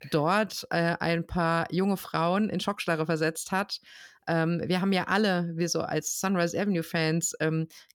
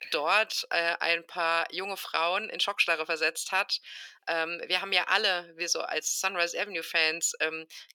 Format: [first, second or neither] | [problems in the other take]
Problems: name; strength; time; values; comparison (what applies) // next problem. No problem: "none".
first | thin; very; fading below 500 Hz